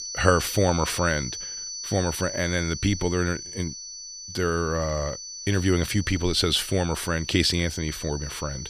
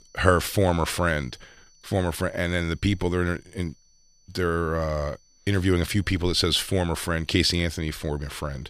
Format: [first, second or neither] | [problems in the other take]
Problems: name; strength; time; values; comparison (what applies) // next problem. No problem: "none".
second | high-pitched whine; loud; throughout; 6 kHz, 9 dB below the speech; faint in the second